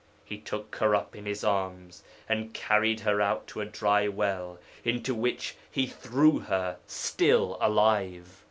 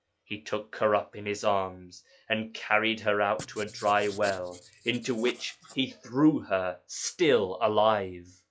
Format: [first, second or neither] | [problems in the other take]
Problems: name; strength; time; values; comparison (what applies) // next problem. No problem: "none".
first | noise reduction (classical method log-MMSE)